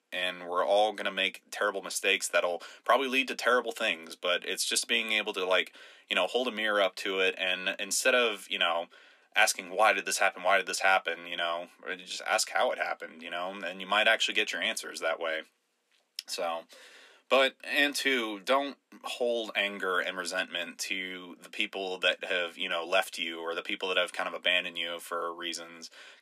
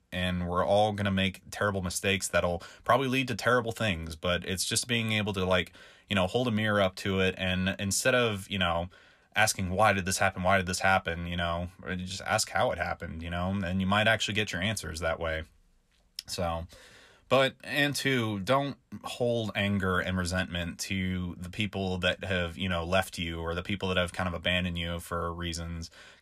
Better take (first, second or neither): second